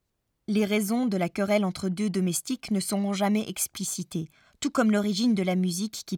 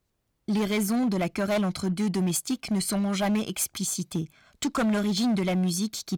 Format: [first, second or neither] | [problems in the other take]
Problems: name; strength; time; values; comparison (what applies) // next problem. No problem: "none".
first | distortion; slight; 14% of the sound clipped